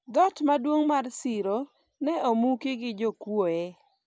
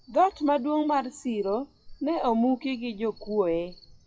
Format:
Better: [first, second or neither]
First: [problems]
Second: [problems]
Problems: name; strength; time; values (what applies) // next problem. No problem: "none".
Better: first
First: none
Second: noise reduction (classical method WPE with log-MMSE)